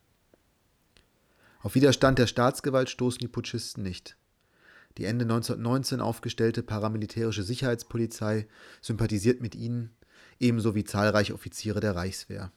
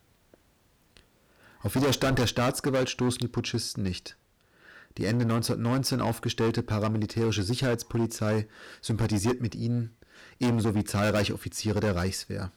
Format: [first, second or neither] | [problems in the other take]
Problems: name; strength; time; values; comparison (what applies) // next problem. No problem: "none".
first | distortion; heavy; 12% of the sound clipped